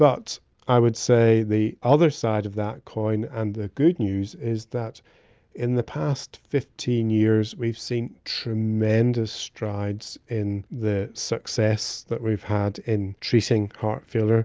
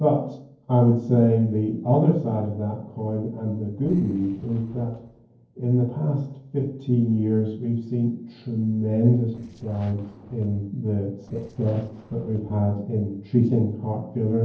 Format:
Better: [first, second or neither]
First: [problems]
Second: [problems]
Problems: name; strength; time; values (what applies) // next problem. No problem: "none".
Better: first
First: none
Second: noise reduction (neural separator model SepFormer DNS4)